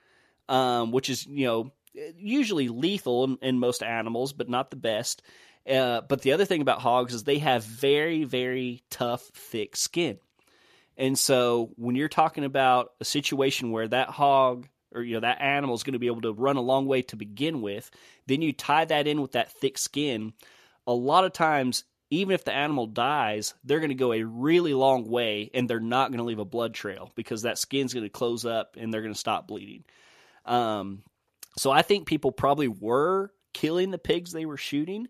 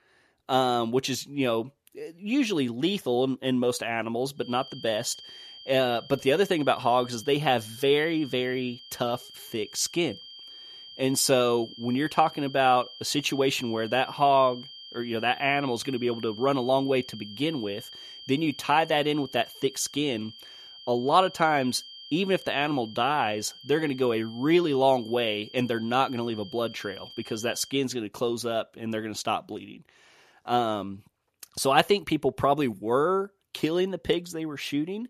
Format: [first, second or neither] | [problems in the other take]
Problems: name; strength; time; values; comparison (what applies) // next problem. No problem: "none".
first | high-pitched whine; noticeable; from 4.5 to 28 s; 3 kHz, 15 dB below the speech